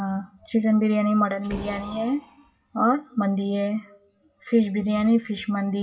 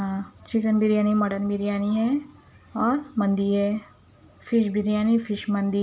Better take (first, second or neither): second